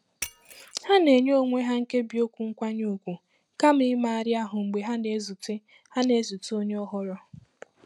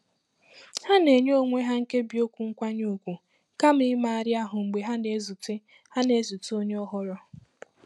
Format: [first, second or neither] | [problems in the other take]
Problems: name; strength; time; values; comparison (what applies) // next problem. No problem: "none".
second | background sound (Shatter); 16 dB below the speech